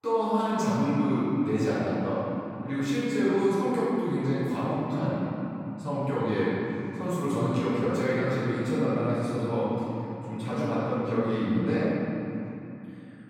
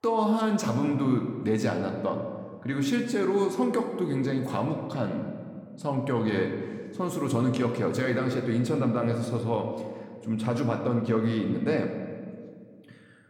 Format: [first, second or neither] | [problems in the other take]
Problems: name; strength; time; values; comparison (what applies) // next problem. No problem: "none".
second | room echo; strong; dies away in 3 s; slight in the second // off-mic speech; far